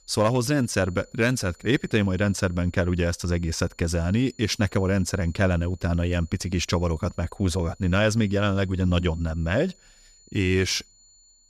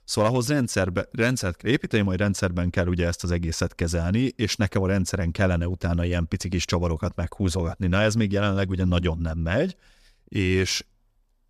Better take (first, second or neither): second